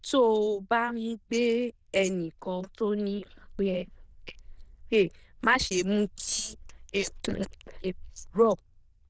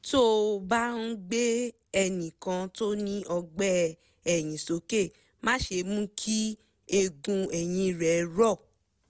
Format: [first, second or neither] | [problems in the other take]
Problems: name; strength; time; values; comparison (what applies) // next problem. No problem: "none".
second | noise reduction (neural diffusion model UNIVERSE++)